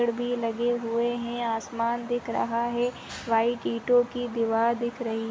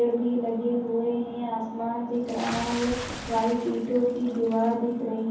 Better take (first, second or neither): first